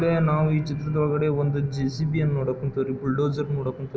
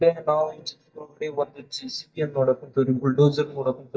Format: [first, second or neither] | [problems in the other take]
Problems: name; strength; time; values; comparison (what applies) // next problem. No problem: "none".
first | noise reduction (neural mask model DeepFilterNet 3)